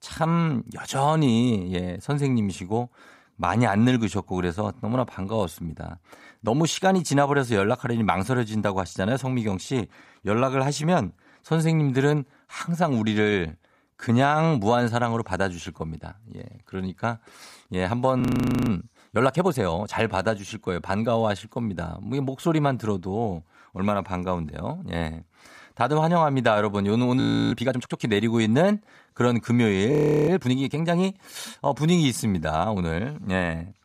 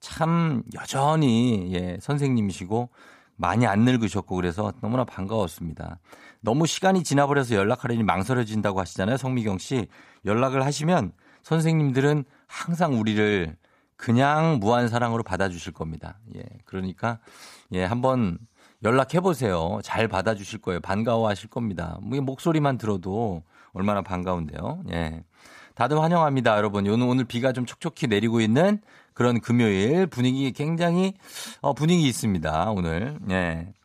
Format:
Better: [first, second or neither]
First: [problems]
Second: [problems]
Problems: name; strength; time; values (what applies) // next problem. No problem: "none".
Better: second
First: audio freezing; at 18 s, at 27 s and at 30 s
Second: none